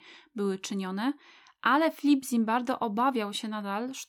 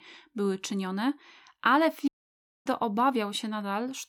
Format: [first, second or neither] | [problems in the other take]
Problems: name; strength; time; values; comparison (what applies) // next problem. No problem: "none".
first | audio cutting out; at 2 s for 0.5 s